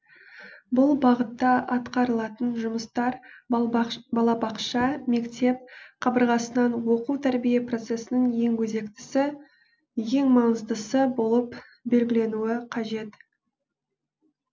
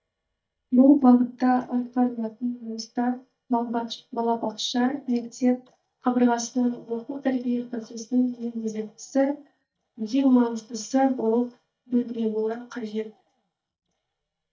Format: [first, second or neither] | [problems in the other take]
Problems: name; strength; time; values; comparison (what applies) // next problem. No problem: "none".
first | noise reduction (neural mask model DeepFilterNet 3)